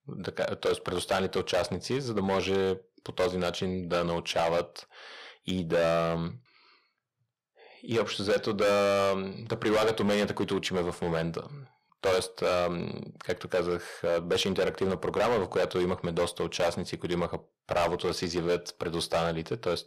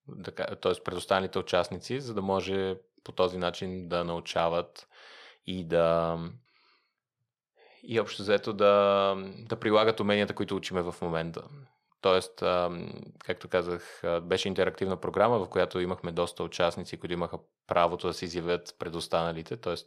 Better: second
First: distortion; heavy; 9% of the sound clipped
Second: none

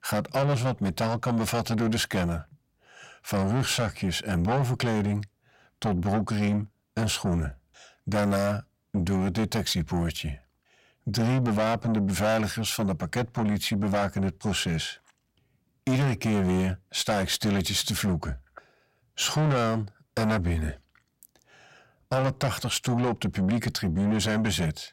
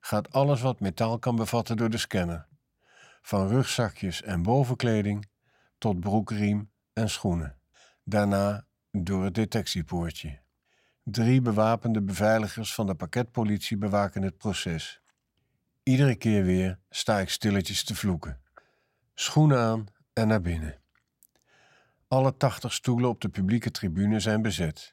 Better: second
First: distortion; heavy; 6 dB below the speech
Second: none

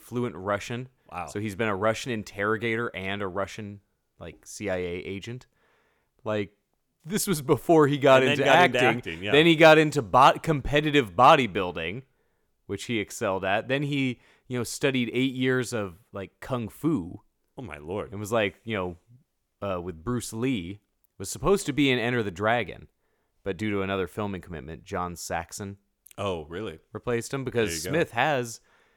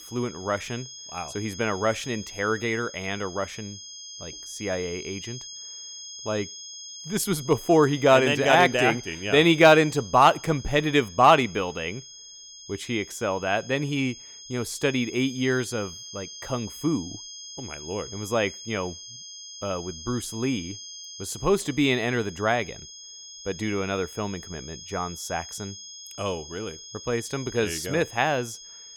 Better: first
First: none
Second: high-pitched whine; noticeable; throughout; 6.5 kHz, 15 dB below the speech

